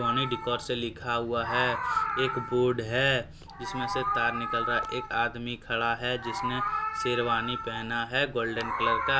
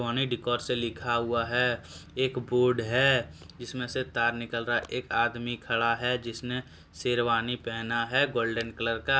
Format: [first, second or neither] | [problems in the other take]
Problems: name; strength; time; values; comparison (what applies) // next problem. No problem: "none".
second | background sound (Meow); 3 dB below the speech